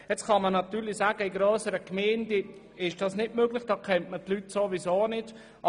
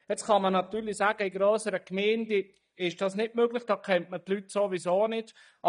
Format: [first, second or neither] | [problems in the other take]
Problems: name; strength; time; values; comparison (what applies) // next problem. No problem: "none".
first | noise reduction (neural mask model DeepFilterNet 3)